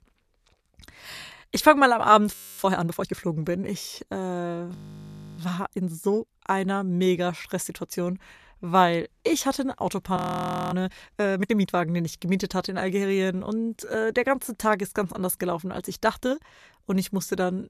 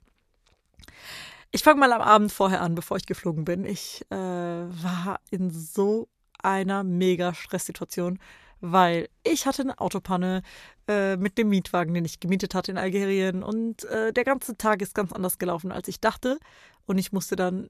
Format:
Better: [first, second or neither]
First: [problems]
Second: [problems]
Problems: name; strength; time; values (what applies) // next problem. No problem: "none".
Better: second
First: audio freezing; at 2.5 s, at 5 s for 0.5 s and at 10 s for 0.5 s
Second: none